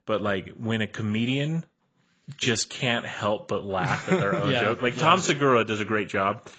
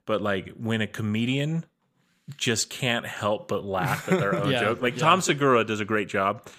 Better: second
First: garbled, watery; badly; nothing above 7.5 kHz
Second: none

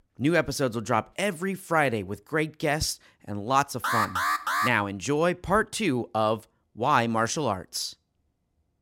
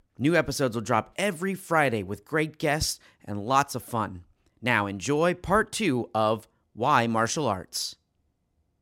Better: second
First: alarm; loud; at 4 s; peak 1 dB above the speech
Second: none

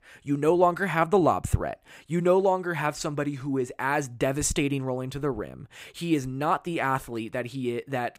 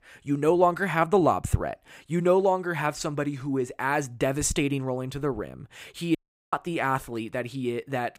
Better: first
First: none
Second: audio cutting out; at 6 s

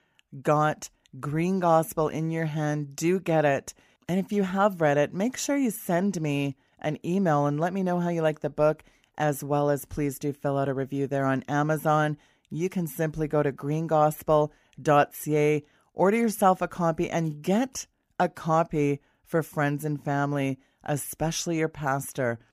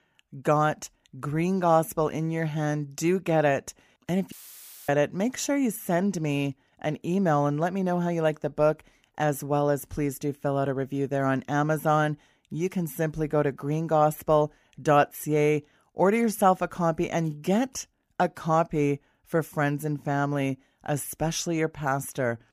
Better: first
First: none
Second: audio cutting out; filled with static; at 4.5 s for 0.5 s

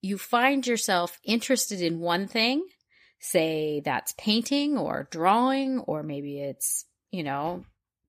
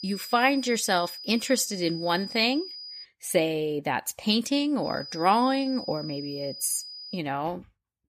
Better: first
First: none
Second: high-pitched whine; noticeable; until 3 s and from 5 to 7 s; 5 kHz, 10 dB below the speech

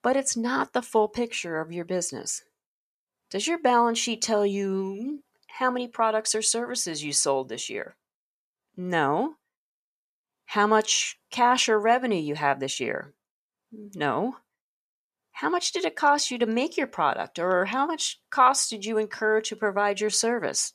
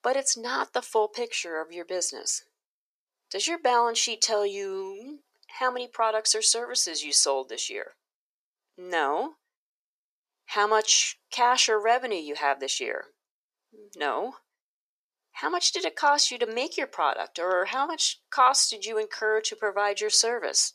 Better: first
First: none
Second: thin; somewhat; fading below 350 Hz

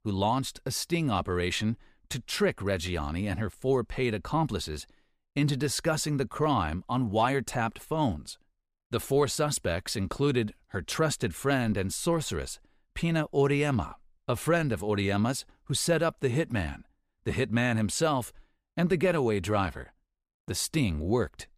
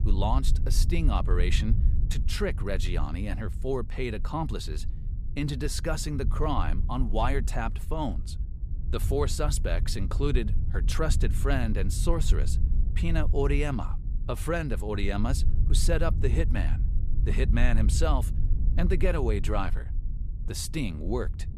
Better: first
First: none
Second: low rumble; noticeable; throughout; 15 dB below the speech

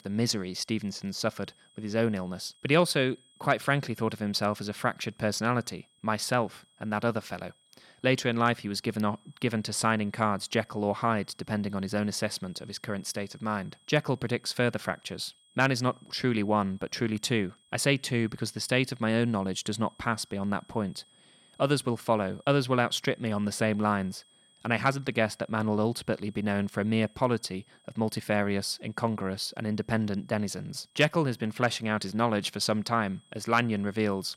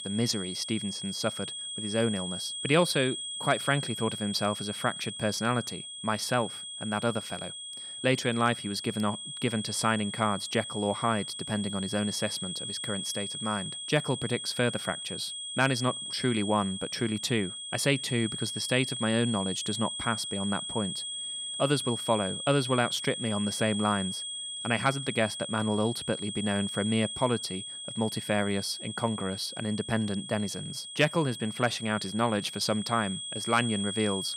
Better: first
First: high-pitched whine; faint; throughout; 3.5 kHz, 30 dB below the speech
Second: high-pitched whine; loud; throughout; 3.5 kHz, 6 dB below the speech

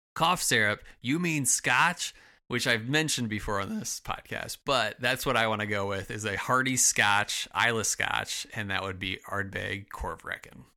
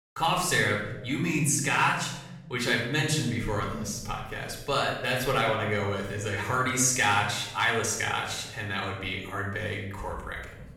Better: first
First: none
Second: off-mic speech; somewhat distant // room echo; noticeable; dies away in 1.2 s

